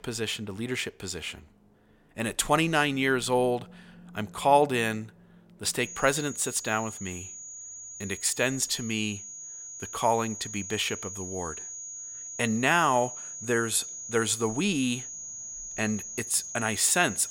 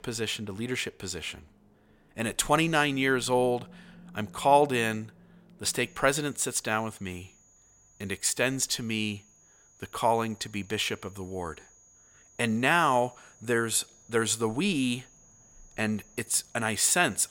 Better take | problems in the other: second | high-pitched whine; loud; from 6 s on; 6.5 kHz, 10 dB below the speech; faint in the second

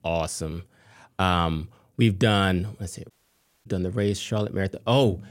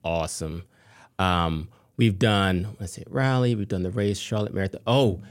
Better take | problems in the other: second | audio cutting out; at 3 s for 0.5 s

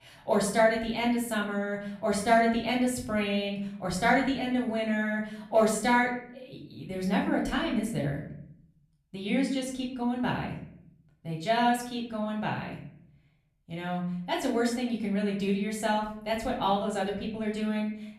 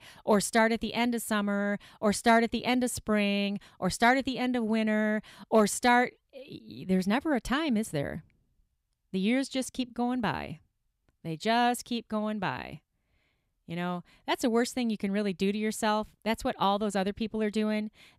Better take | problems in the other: second | off-mic speech; far // room echo; slight; dies away in 0.6 s

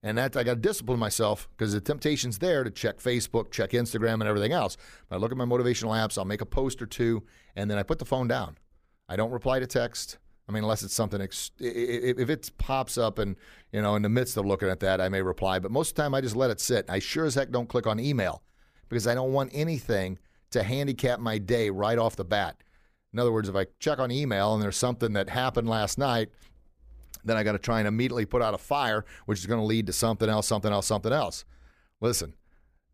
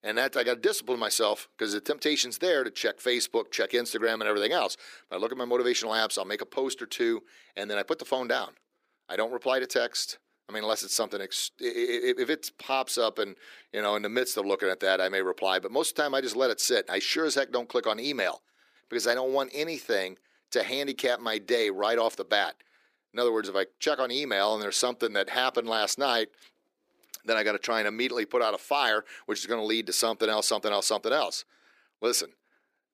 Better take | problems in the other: first | thin; somewhat; fading below 300 Hz

